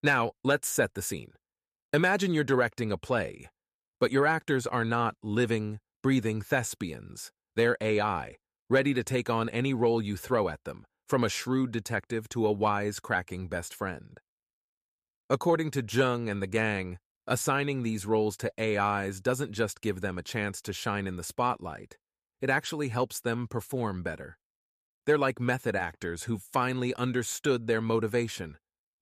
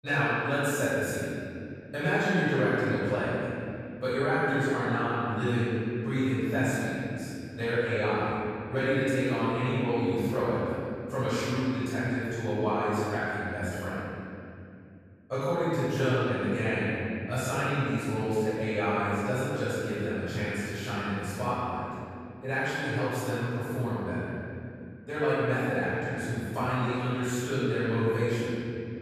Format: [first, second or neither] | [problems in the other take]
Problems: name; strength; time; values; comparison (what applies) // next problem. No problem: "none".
first | off-mic speech; far // room echo; strong; dies away in 2.7 s